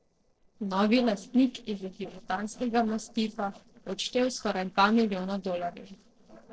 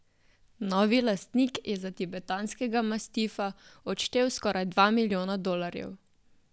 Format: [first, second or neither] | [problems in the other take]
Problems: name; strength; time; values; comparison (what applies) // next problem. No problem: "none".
second | noise reduction (neural separator model SepFormer DNS4)